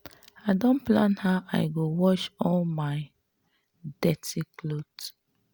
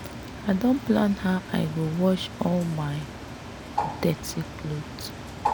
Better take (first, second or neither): first